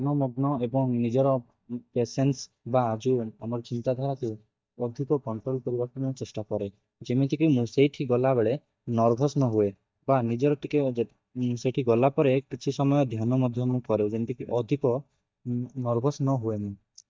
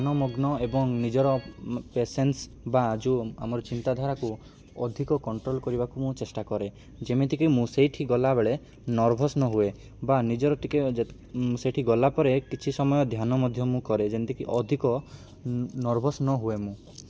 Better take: second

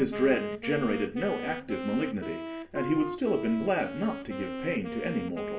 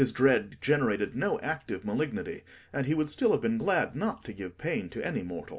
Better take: second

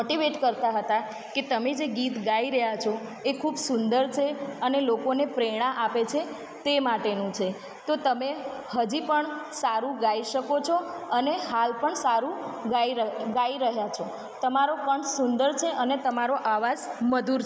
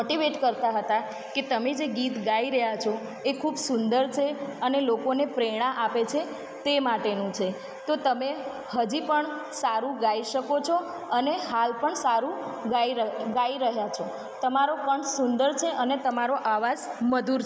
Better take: first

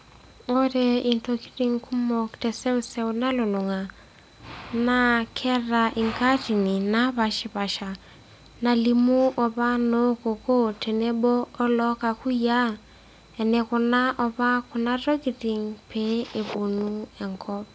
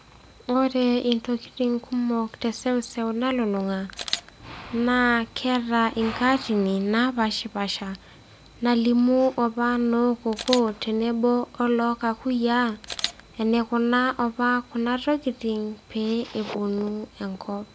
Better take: first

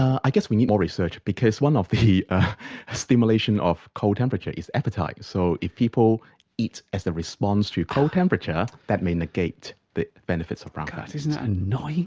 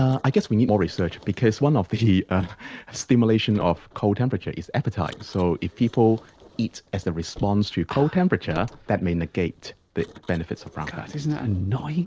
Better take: first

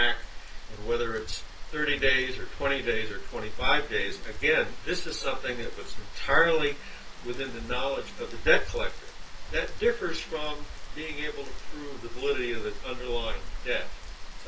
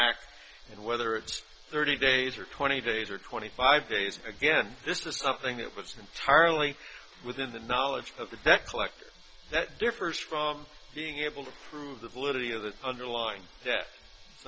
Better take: second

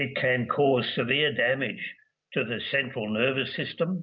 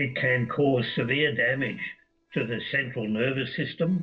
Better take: first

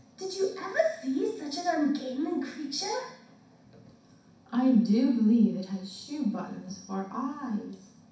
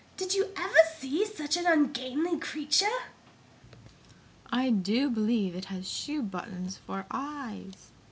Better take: second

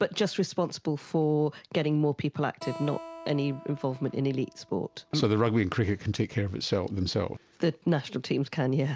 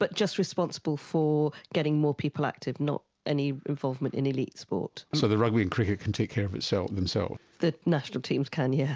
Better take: second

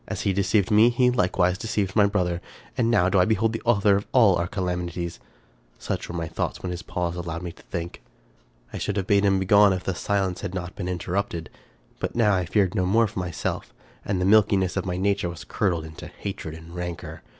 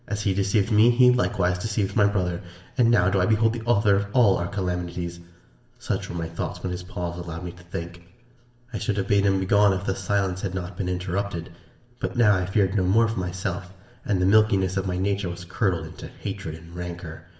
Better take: first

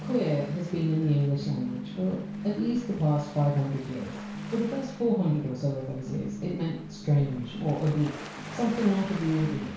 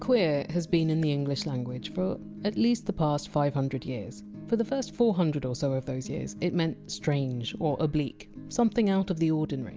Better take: second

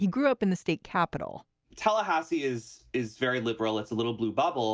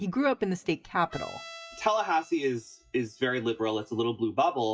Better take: first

